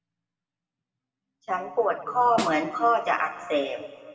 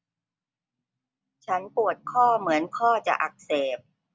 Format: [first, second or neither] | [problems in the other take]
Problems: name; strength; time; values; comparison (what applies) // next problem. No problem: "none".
second | background sound (Snare drum); 11 dB below the speech // room echo; dies away in 1.6 s